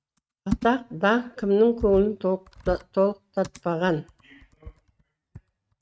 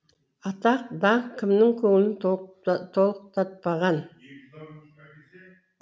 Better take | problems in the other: second | noise reduction (neural mask model RNNoise)

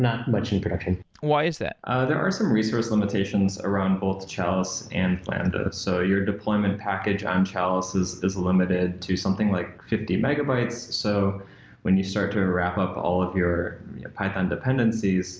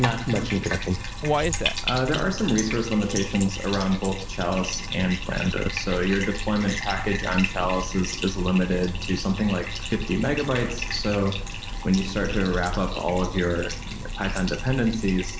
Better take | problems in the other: first | background sound (Bathtub (filling or washing)); 5 dB below the speech

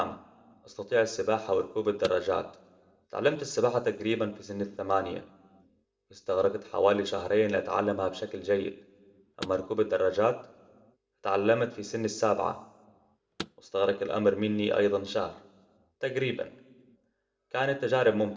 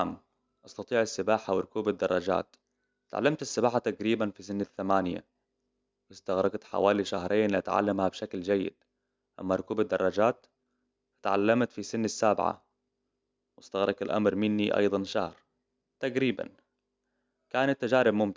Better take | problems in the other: second | background sound (Car); 20 dB below the speech // room echo; dies away in 0.7 s

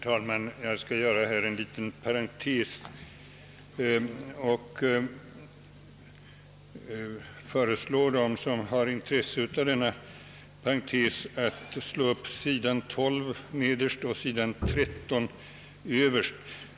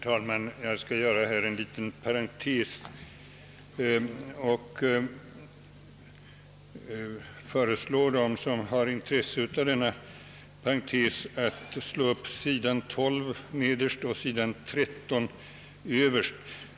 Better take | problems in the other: second | background sound (Bowed string instrument); 6 dB below the speech

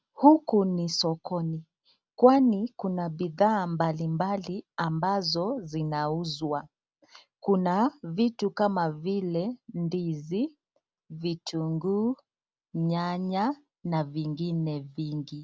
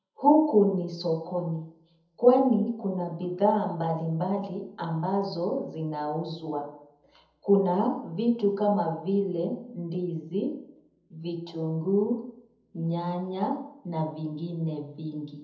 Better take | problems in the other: first | room echo; dies away in 0.7 s

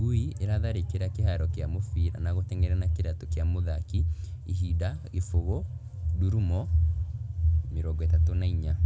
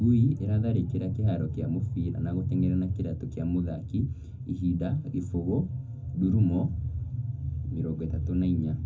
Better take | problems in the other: first | room echo; dies away in 0.3 s

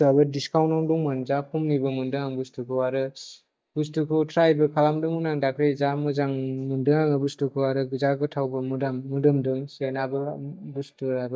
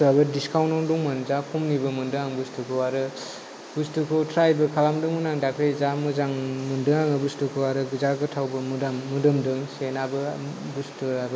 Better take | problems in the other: second | noise reduction (neural mask model DeepFilterNet 3)

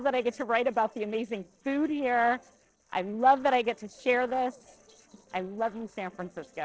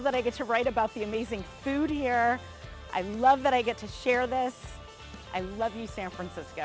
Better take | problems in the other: second | noise reduction (neural separator model SepFormer DNS4)

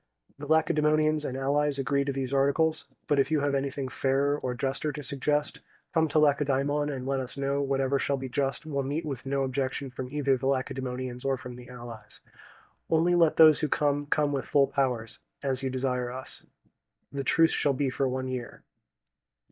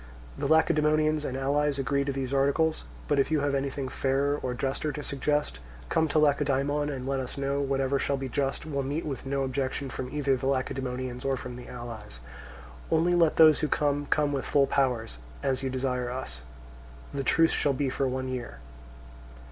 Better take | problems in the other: second | noise reduction (neural mask model DeepFilterNet 3)

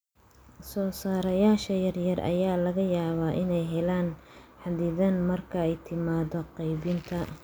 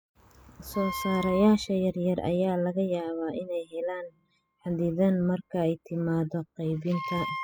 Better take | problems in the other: first | noise reduction (classical method spectral subtraction)

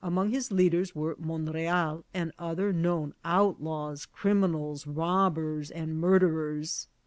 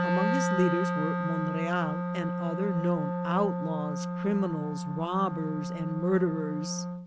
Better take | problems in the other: first | background sound (Wind instrument, woodwind instrument); as loud as the speech

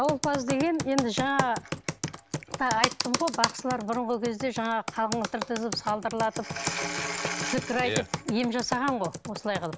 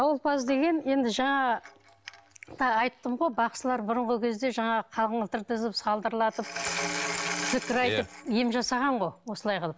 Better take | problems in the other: second | background sound (Computer keyboard); 6 dB below the speech

